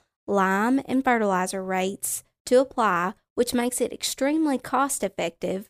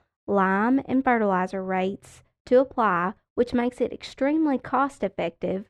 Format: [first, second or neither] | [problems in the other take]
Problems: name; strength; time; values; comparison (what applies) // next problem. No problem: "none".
first | muffled; very; fading above 2.5 kHz